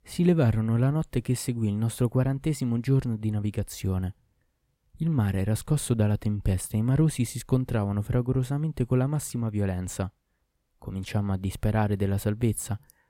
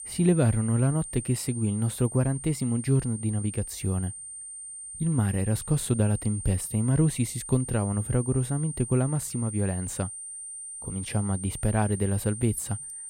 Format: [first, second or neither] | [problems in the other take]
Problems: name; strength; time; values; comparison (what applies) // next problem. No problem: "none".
first | high-pitched whine; loud; throughout; 9 kHz, 9 dB below the speech